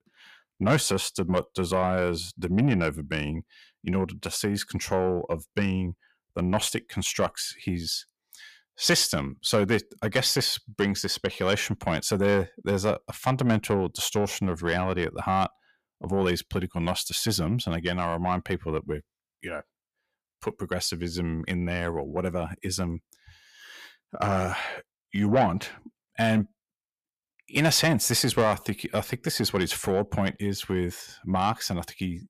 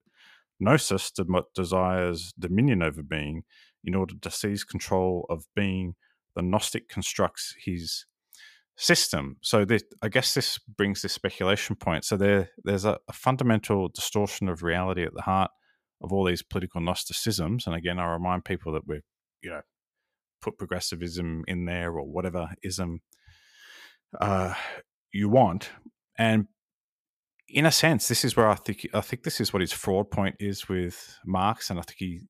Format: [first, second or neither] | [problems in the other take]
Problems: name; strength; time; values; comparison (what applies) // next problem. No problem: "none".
second | distortion; slight; 10 dB below the speech